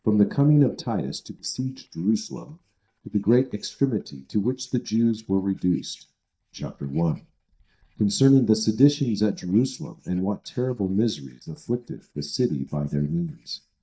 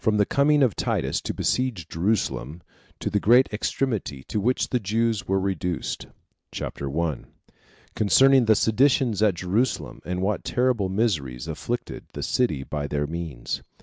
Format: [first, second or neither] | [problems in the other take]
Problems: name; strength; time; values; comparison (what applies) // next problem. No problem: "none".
second | noise reduction (neural mask model DeepFilterNet 3)